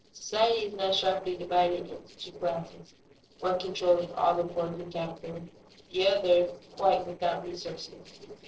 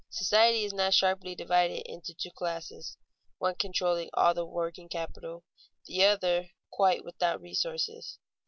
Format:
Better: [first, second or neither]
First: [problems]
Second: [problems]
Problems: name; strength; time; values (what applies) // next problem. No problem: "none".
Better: second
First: noise reduction (neural separator model SepFormer DNS4)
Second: none